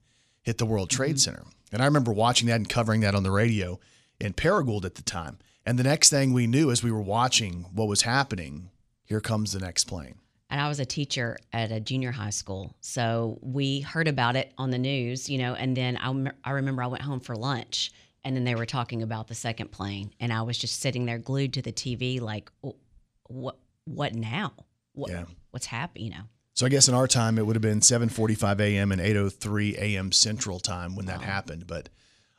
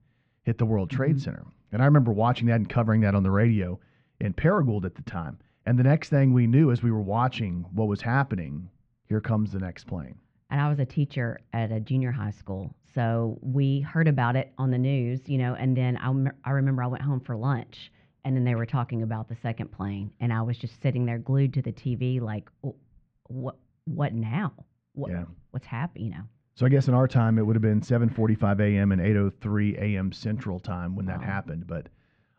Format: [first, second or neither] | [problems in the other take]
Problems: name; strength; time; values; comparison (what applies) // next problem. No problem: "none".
first | muffled; very; fading above 2 kHz